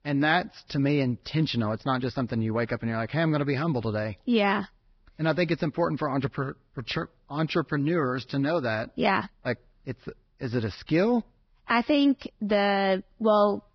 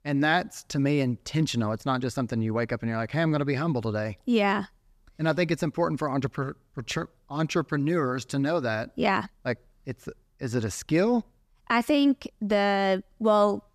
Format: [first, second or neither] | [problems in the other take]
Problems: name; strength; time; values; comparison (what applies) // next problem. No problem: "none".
second | garbled, watery; badly; nothing above 5.5 kHz